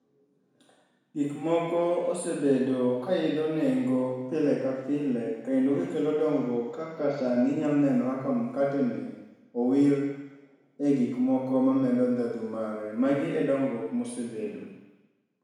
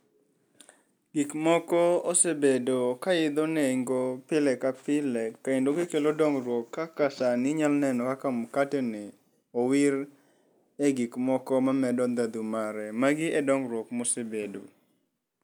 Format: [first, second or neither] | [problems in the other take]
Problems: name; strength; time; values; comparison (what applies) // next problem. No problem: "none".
second | room echo; dies away in 1.1 s